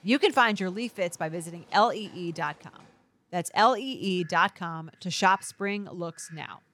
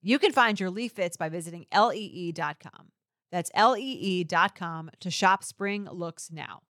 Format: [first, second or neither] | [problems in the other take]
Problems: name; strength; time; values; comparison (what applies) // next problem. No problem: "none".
second | animal sounds; faint; throughout; 30 dB below the speech